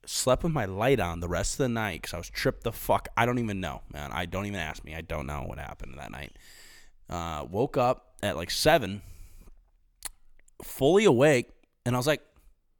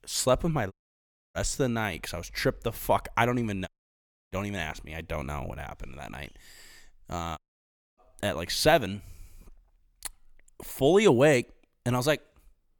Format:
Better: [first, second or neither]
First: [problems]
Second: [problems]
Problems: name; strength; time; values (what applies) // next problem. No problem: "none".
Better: first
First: none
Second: audio cutting out; at 0.5 s for 0.5 s, at 3.5 s for 0.5 s and at 7.5 s for 0.5 s